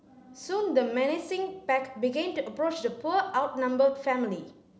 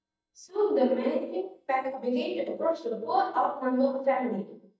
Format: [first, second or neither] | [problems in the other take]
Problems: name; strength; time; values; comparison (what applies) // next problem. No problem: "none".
first | noise reduction (neural mask model DeepFilterNet 3)